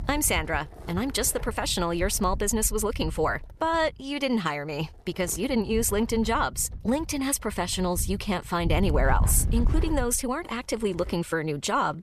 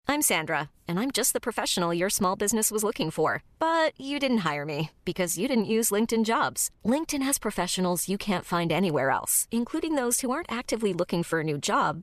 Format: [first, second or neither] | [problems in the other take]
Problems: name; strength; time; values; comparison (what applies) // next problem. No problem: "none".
second | wind noise on the microphone; occasional gusts; 20 dB below the speech